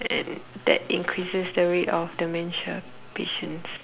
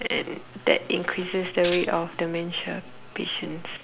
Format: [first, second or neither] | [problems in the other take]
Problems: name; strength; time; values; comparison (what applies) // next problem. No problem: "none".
first | background sound (Tambourine); 8 dB below the speech